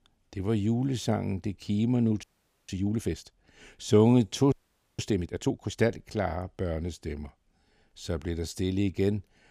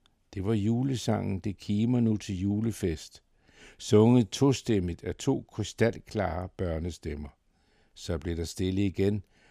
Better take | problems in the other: second | audio freezing; at 2 s and at 4.5 s

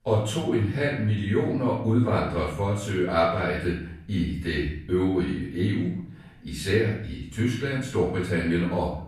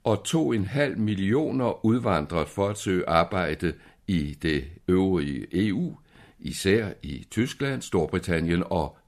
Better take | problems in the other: second | off-mic speech; far // room echo; noticeable; dies away in 0.6 s

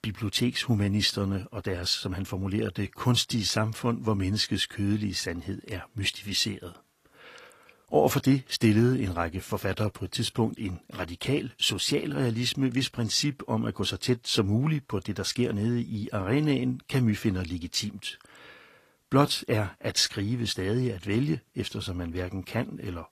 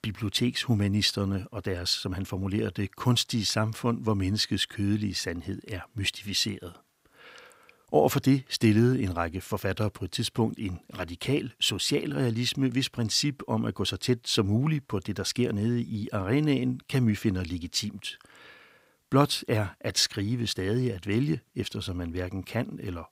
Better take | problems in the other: second | garbled, watery; slightly; nothing above 14.5 kHz

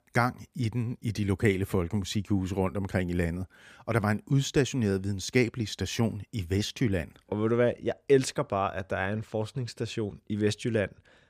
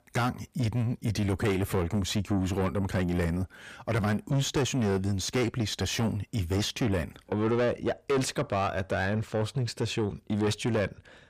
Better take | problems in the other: first | distortion; heavy; 6 dB below the speech

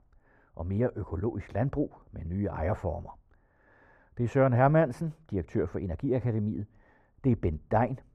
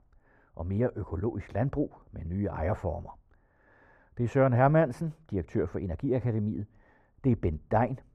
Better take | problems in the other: neither | muffled; very; fading above 2 kHz; the same in both

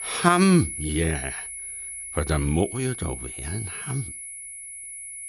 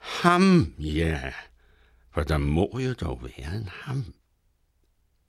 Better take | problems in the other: second | high-pitched whine; loud; throughout; 10.5 kHz, 8 dB below the speech

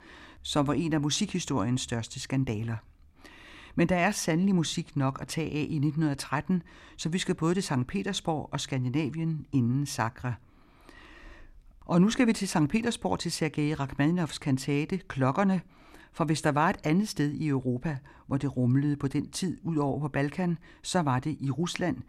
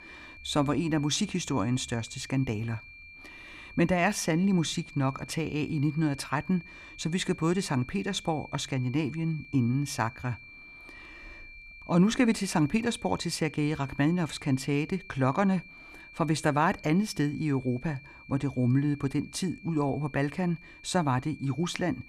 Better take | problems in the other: first | high-pitched whine; noticeable; throughout; 2.5 kHz, 20 dB below the speech

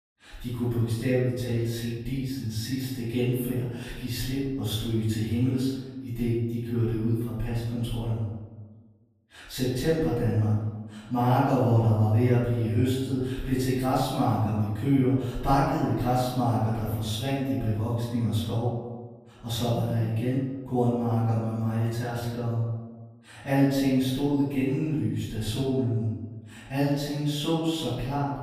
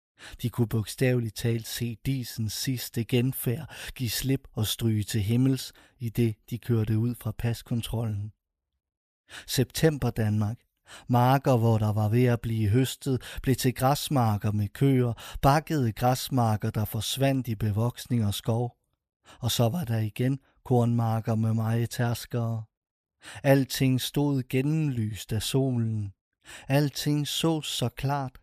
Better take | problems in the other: second | off-mic speech; far // room echo; strong; dies away in 1.2 s

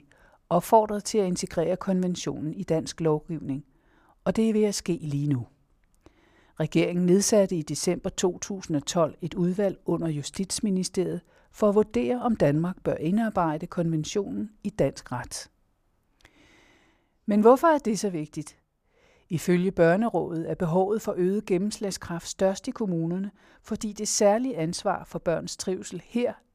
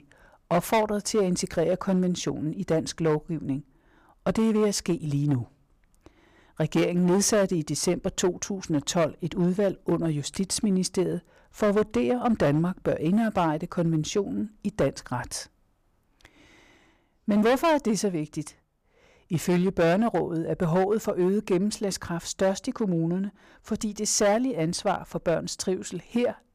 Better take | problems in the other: first | distortion; slight; 6% of the sound clipped

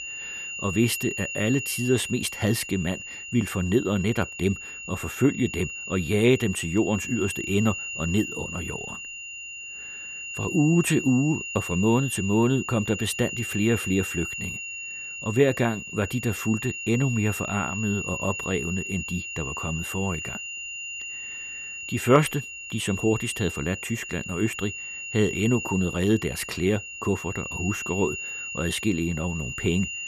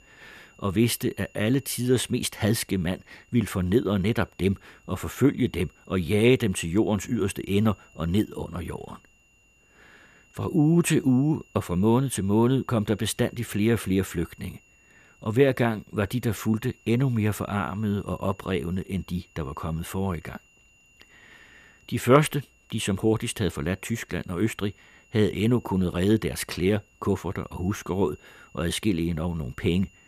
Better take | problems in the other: second | high-pitched whine; loud; throughout; 3 kHz, 6 dB below the speech; faint in the second

